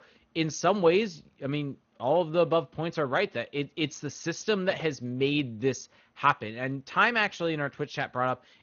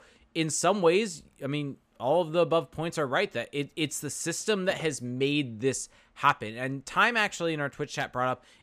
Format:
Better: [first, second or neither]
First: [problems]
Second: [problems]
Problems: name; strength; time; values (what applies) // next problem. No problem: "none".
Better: second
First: garbled, watery; slightly; nothing above 6.5 kHz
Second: none